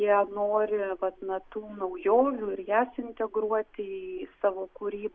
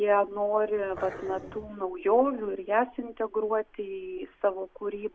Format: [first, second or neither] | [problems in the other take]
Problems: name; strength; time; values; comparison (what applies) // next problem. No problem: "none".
first | background sound (Growling); 13 dB below the speech